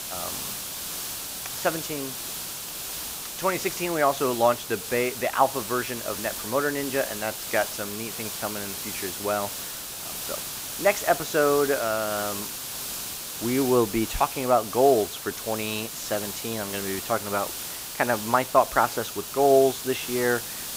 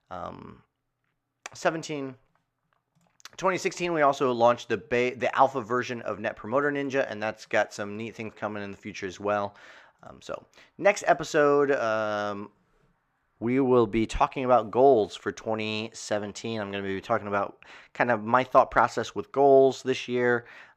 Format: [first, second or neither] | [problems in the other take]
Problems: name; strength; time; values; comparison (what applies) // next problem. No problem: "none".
second | hiss; loud; throughout; 6 dB below the speech